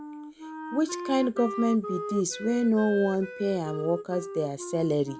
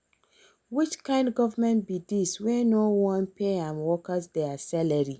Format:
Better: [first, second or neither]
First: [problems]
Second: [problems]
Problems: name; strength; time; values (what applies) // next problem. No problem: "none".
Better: second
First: background sound (Wind instrument, woodwind instrument); 10 dB below the speech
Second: none